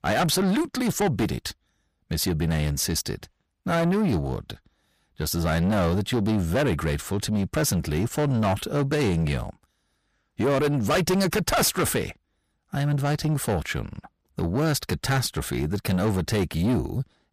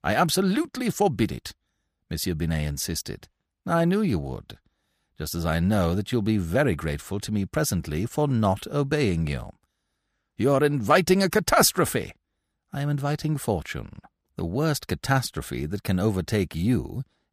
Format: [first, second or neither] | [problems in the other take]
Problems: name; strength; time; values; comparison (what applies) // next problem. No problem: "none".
second | distortion; heavy; 8 dB below the speech